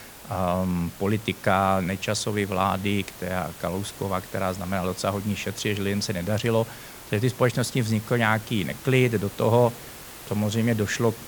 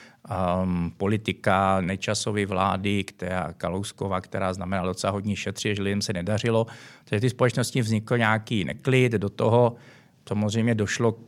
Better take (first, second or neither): second